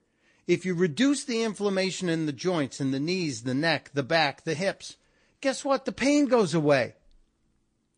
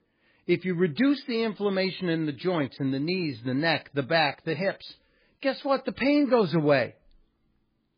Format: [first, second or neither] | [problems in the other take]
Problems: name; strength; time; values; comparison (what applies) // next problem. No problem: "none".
first | garbled, watery; badly; nothing above 4.5 kHz; slightly in the first